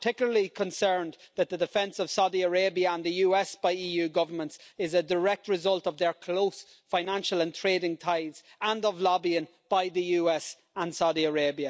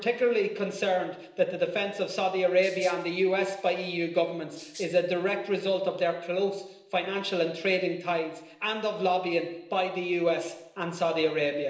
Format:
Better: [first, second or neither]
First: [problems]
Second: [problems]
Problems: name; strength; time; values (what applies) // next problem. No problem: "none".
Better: first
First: none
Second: noise reduction (neural separator model SepFormer DNS4)